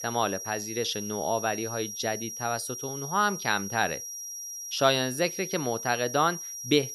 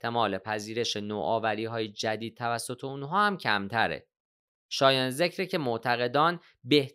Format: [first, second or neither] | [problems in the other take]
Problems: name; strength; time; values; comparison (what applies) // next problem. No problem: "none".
second | high-pitched whine; loud; throughout; 5.5 kHz, 7 dB below the speech